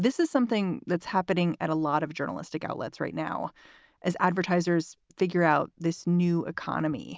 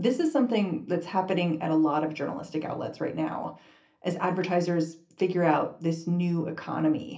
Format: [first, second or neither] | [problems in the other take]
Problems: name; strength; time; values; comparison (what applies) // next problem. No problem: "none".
first | room echo; dies away in 0.3 s